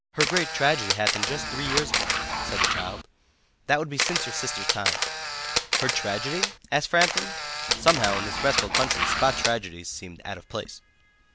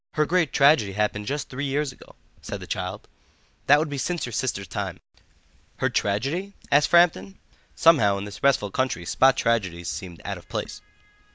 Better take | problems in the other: second | background sound (Tools + Camera); 2 dB above the speech

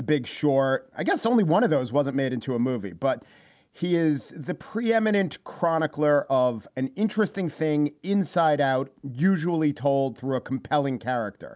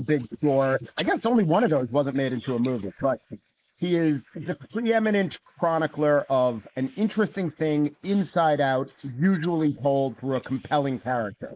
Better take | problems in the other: first | noise reduction (neural mask model Resemble Enhance denoiser)

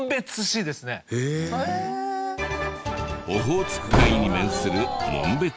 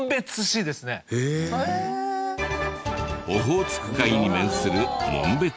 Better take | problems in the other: second | background sound (Slam / Wood); 1 dB below the speech

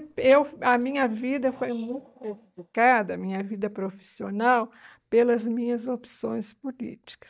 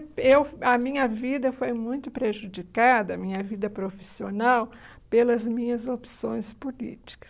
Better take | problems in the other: second | noise reduction (neural mask model DeepFilterNet 3)

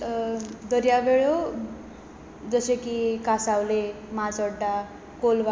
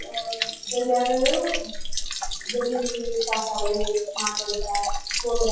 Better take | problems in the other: first | noise reduction (classical method WPE with log-MMSE)

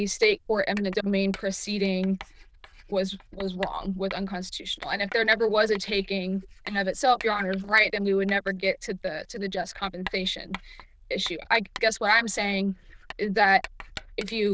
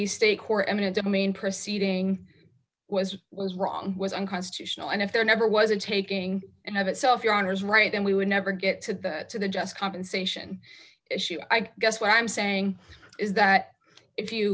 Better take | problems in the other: second | noise reduction (neural diffusion model UNIVERSE++)

